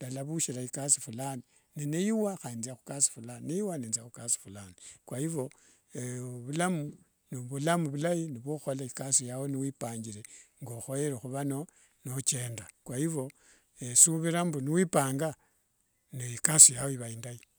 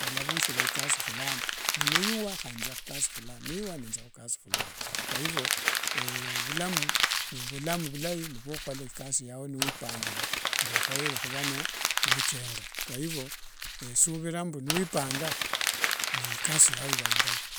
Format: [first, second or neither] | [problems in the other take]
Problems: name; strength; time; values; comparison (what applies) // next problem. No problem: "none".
first | background sound (Crumpling, crinkling); 2 dB above the speech